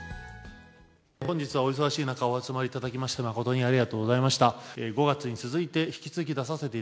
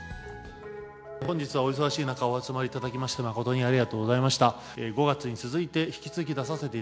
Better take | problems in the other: first | background sound (Piano); 16 dB below the speech

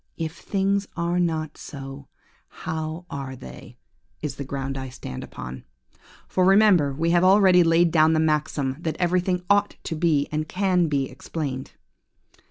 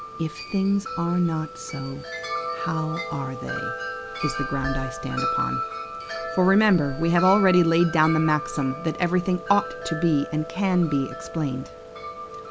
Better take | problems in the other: first | background sound (Wind chime); 8 dB below the speech

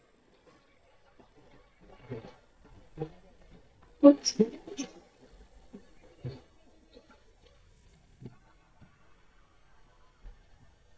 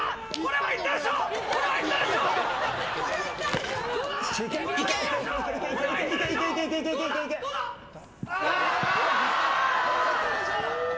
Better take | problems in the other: second | noise reduction (neural mask model DeepFilterNet 3)

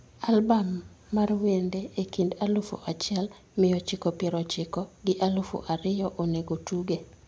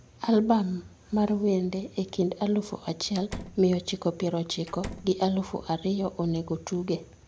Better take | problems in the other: first | background sound (Slam); 14 dB below the speech

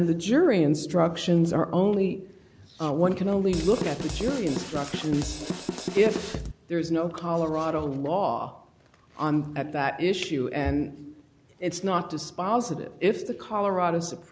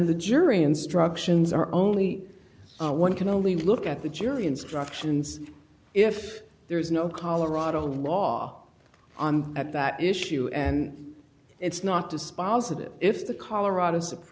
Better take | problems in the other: second | background sound (Drum kit); 7 dB below the speech

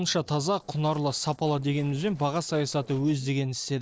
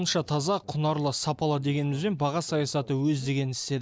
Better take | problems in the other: second | noise reduction (neural separator model SepFormer DNS4)

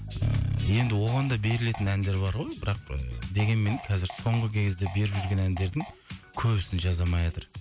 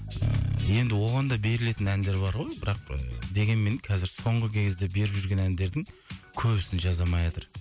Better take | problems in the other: second | background sound (Fart); 17 dB below the speech

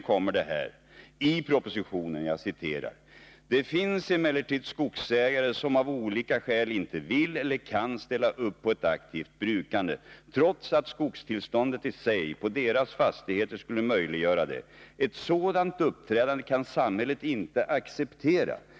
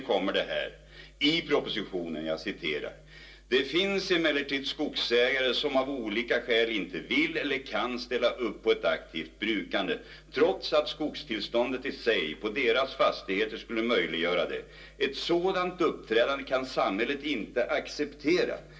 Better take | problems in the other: first | room echo; dies away in 0.2 s

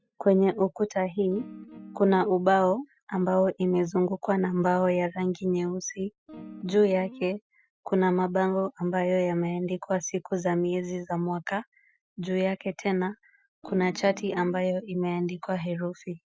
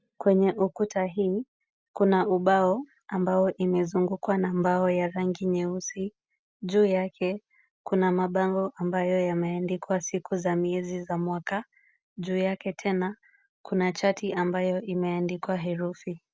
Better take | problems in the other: second | noise reduction (classical method Wiener filter)

